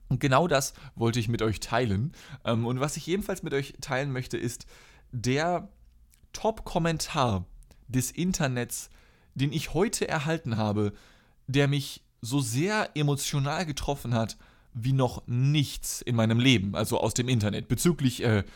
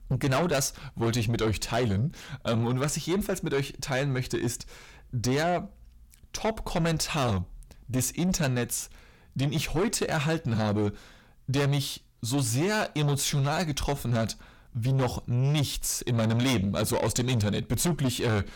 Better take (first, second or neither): first